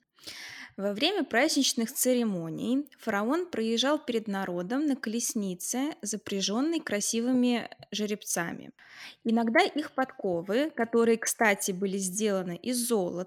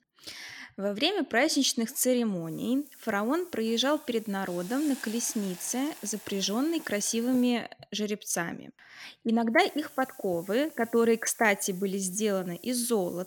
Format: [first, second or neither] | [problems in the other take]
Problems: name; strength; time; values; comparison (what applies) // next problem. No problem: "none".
first | hiss; noticeable; from 2.5 to 7.5 s and from 9.5 s on; 20 dB below the speech